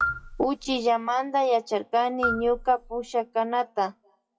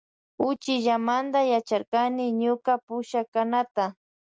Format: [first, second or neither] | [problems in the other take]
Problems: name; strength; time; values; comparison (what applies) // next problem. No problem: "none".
second | noise reduction (classical method WPE with log-MMSE)